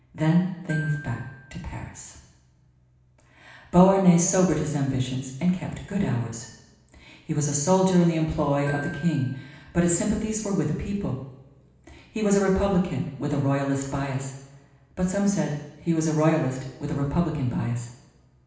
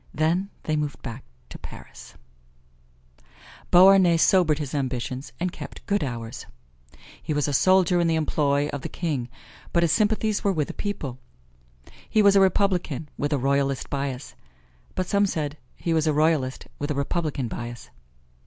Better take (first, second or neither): second